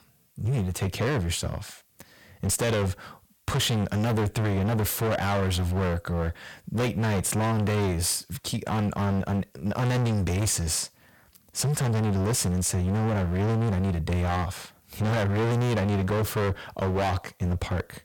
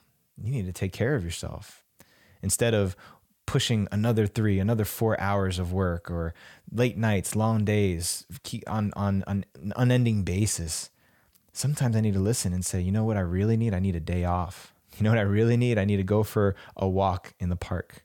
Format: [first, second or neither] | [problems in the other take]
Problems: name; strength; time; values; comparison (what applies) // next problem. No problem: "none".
second | distortion; heavy; 31% of the sound clipped